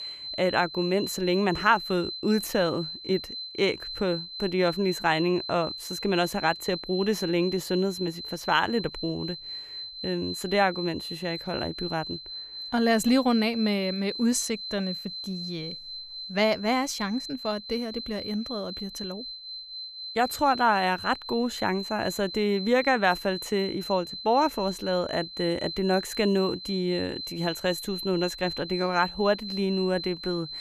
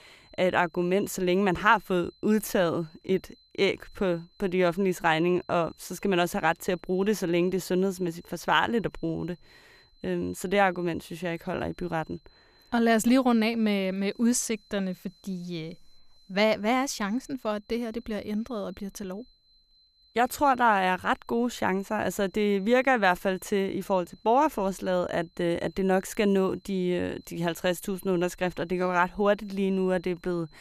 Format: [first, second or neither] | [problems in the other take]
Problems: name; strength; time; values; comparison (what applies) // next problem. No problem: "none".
second | high-pitched whine; loud; throughout; 4 kHz, 8 dB below the speech; faint in the second